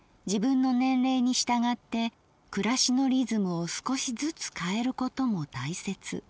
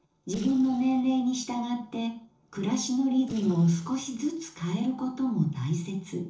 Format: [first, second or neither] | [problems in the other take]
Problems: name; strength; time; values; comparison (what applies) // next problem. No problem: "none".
first | noise reduction (neural separator model SepFormer DNS4)